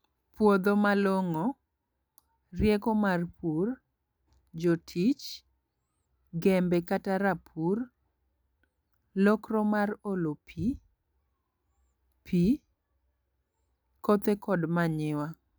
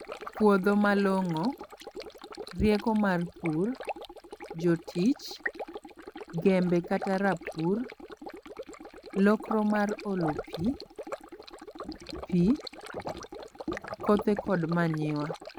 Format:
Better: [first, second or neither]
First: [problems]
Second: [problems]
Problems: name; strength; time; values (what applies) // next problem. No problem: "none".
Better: first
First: none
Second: noise reduction (neural mask model RNNoise)